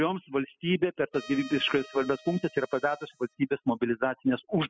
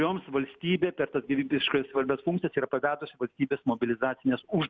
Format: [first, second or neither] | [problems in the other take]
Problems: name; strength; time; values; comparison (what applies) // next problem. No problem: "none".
second | noise reduction (classical method spectral subtraction)